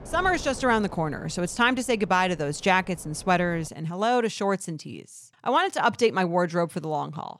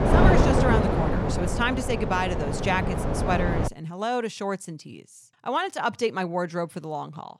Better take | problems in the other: first | wind noise on the microphone; heavy; until 3.5 s; as loud as the speech; occasional gusts in the first

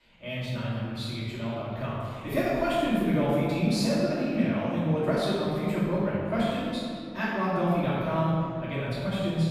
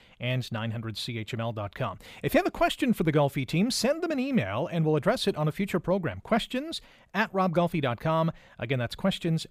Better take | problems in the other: second | off-mic speech; far // room echo; strong; dies away in 2.2 s

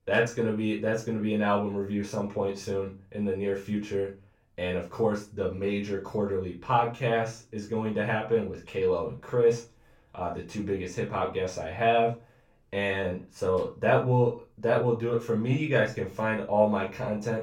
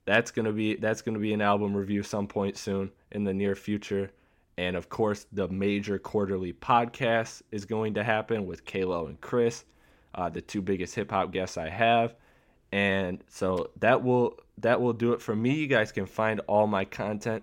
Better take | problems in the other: second | off-mic speech; far // room echo; slight; dies away in 0.2 s

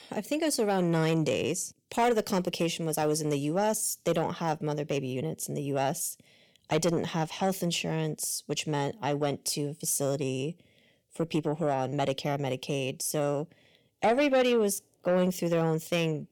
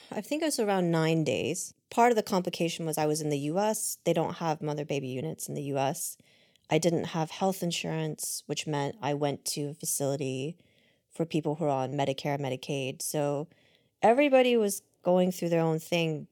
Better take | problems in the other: second | distortion; slight; 10 dB below the speech

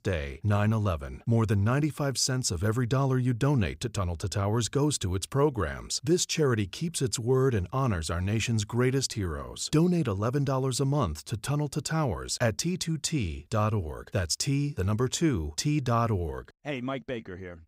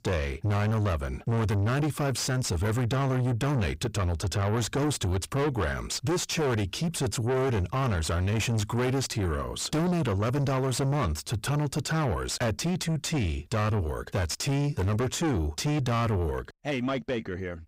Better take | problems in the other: first | distortion; heavy; 6 dB below the speech

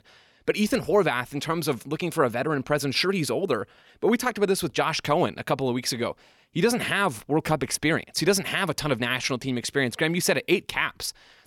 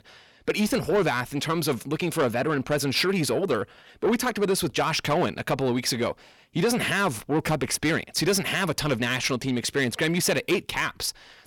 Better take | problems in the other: first | distortion; slight; 10 dB below the speech

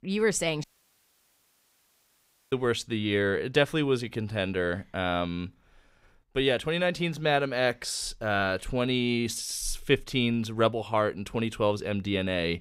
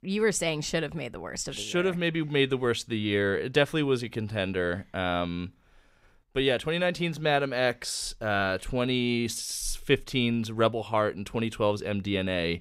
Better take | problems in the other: second | audio cutting out; at 0.5 s for 2 s

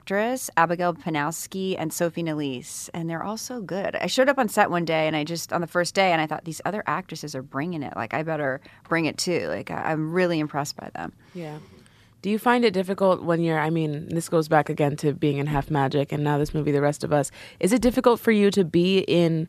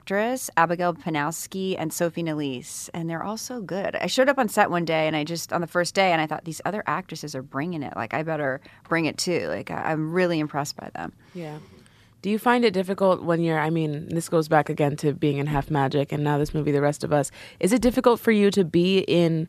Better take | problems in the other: neither | none

